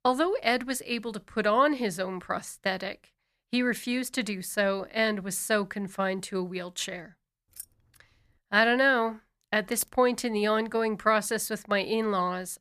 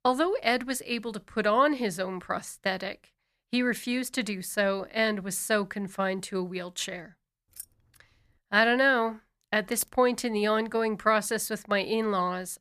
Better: neither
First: jangling keys; faint; at 7.5 s; peak 15 dB below the speech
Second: jangling keys; faint; at 7.5 s; peak 15 dB below the speech

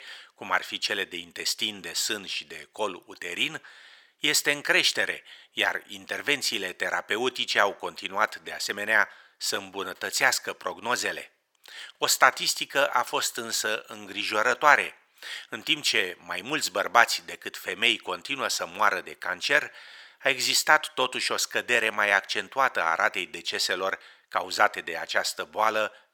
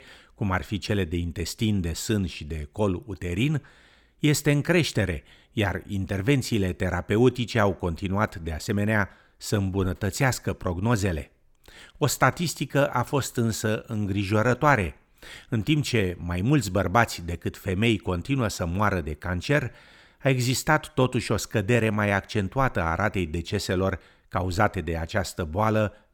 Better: second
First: thin; very; fading below 700 Hz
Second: none

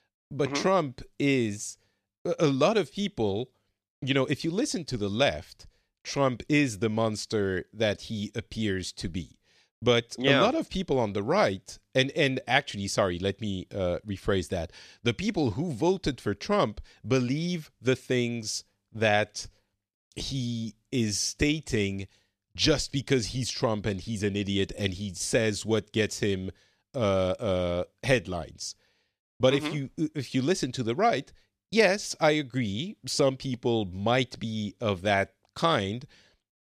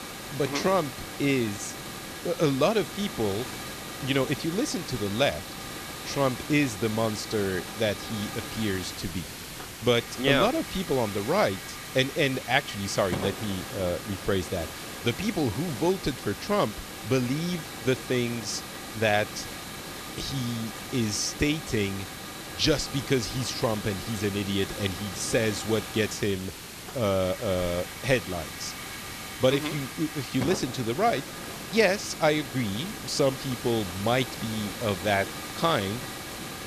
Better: first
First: none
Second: hiss; loud; throughout; 8 dB below the speech

